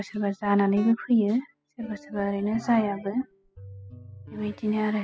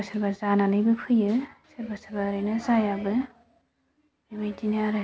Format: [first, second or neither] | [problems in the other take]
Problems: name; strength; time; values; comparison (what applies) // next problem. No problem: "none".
second | noise reduction (classical method spectral subtraction)